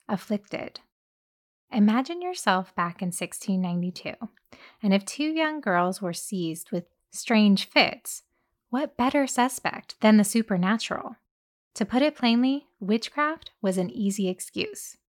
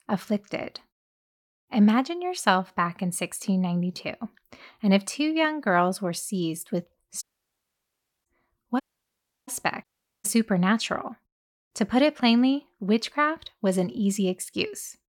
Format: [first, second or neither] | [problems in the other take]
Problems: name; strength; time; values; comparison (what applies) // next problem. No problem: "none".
first | audio cutting out; at 7 s for 1 s, at 9 s for 0.5 s and at 10 s